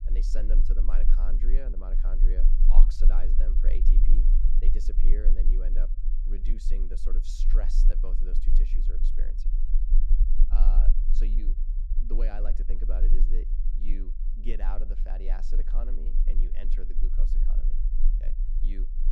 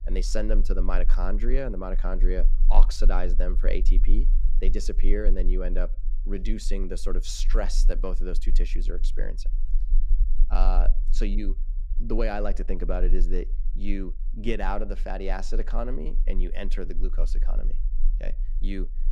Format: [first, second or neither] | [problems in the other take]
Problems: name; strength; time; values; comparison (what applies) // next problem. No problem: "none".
second | low rumble; loud; throughout; 7 dB below the speech; faint in the second